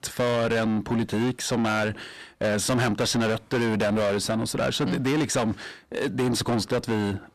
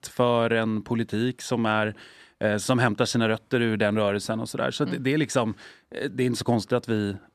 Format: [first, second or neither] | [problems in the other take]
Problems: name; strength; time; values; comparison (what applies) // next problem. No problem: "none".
second | distortion; heavy; 6 dB below the speech